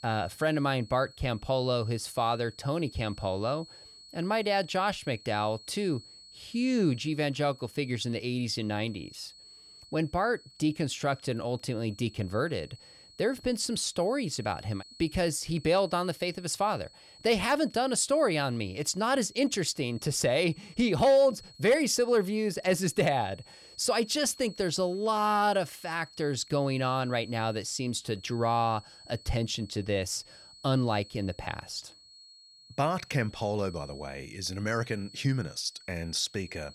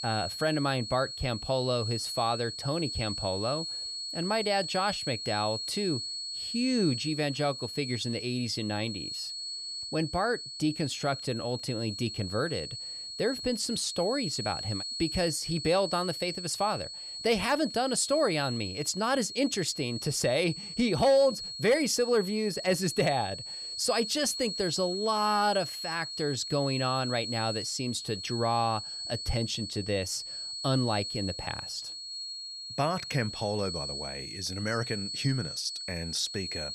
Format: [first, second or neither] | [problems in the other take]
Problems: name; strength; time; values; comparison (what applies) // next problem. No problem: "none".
first | high-pitched whine; loud; throughout; 4.5 kHz, 5 dB below the speech; faint in the first